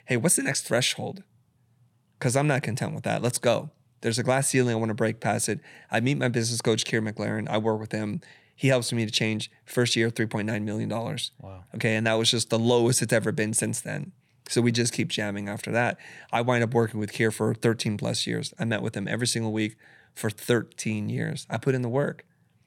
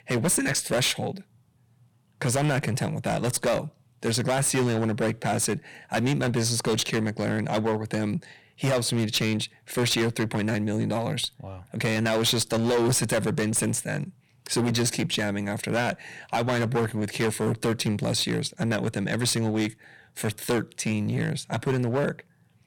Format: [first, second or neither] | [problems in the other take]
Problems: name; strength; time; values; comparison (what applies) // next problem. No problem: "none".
first | distortion; heavy; 12% of the sound clipped